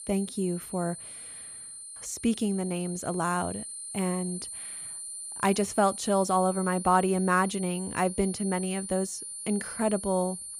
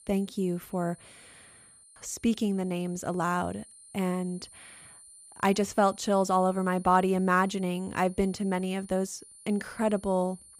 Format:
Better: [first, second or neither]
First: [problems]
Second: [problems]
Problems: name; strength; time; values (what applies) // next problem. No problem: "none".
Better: second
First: high-pitched whine; loud; throughout; 9 kHz, 9 dB below the speech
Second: high-pitched whine; faint; throughout; 9 kHz, 20 dB below the speech